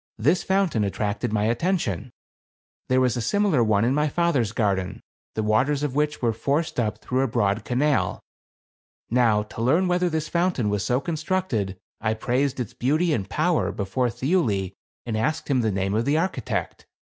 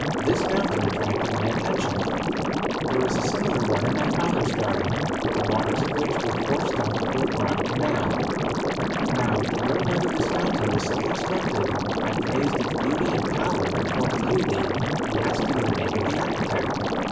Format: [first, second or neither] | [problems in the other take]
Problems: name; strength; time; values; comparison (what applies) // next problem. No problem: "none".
first | background sound (Liquid); 4 dB above the speech // room echo; dies away in 2 s